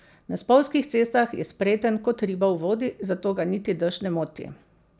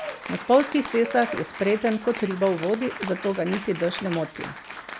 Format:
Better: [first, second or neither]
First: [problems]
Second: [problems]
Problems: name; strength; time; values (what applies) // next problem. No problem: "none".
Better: first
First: none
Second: background sound (Applause / Cheering); 11 dB below the speech